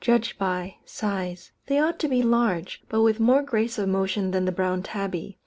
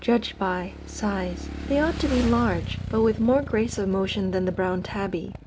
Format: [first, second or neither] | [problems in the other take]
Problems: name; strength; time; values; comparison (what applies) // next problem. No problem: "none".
first | background sound (Motorcycle / Engine); 9 dB below the speech